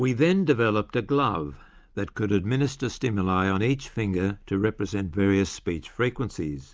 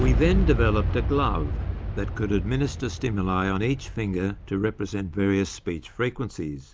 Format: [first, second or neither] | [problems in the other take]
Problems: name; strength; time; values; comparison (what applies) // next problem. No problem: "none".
first | background sound (Boom); 2 dB below the speech